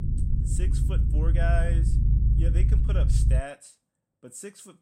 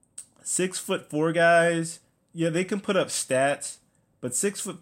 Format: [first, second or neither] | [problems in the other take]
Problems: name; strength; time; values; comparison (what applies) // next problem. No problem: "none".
second | low rumble; loud; until 3.5 s; 4 dB below the speech